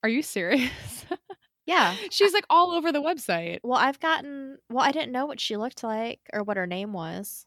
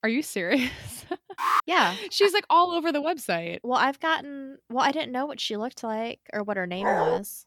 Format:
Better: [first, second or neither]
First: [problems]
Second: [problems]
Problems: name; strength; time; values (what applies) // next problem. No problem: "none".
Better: first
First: none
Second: alarm; loud; at 1.5 s; peak 1 dB above the speech // dog barking; loud; at 7 s; peak 2 dB above the speech